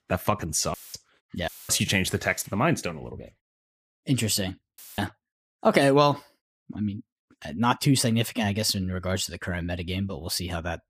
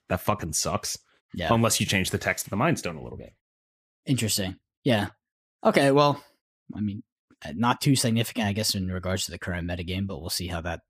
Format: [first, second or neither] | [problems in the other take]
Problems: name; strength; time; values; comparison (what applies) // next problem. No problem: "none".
second | audio cutting out; filled with static; at 0.5 s, at 1.5 s and at 5 s